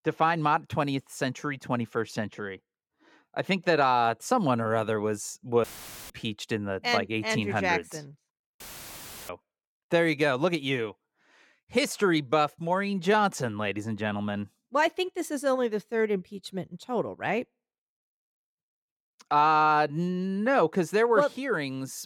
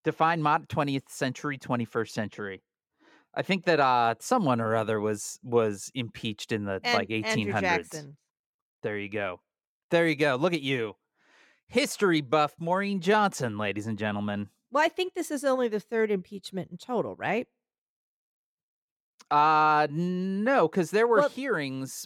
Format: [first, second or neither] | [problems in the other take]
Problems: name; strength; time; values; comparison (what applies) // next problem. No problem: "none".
second | audio cutting out; filled with static; at 5.5 s and at 8.5 s for 0.5 s